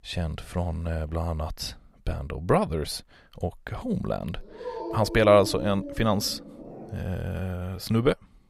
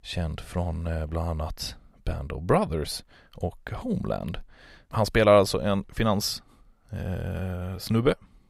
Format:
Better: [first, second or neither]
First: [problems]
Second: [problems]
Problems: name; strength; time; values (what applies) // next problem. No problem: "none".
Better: second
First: dog barking; noticeable; from 4.5 to 7 s; peak 6 dB below the speech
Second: none